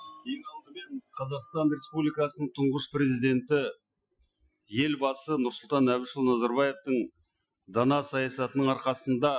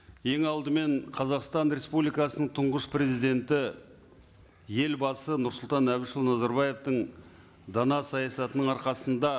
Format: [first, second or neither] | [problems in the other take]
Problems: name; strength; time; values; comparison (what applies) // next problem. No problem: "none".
second | noise reduction (classical method Wiener filter)